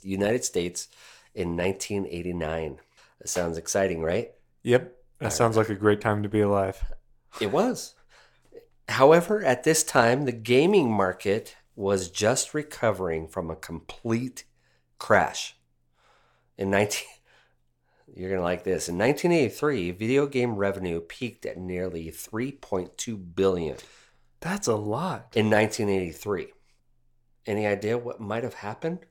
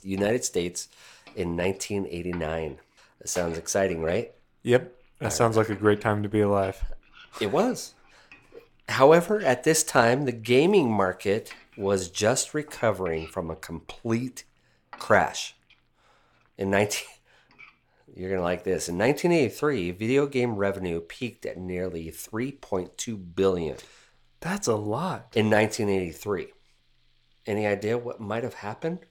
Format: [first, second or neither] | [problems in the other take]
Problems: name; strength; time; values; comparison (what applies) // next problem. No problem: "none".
first | household noises; faint; throughout; 25 dB below the speech